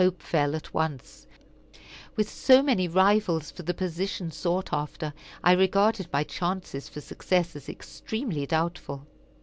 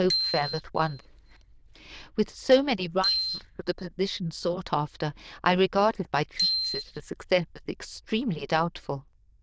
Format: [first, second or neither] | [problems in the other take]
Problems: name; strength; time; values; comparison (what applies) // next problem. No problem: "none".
first | noise reduction (neural diffusion model UNIVERSE++)